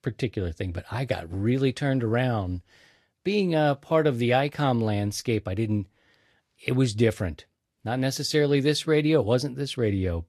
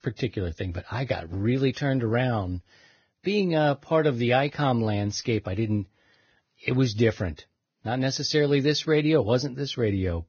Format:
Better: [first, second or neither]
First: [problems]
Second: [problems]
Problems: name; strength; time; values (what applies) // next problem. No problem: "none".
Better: first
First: garbled, watery; slightly; nothing above 12.5 kHz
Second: garbled, watery; badly; nothing above 6.5 kHz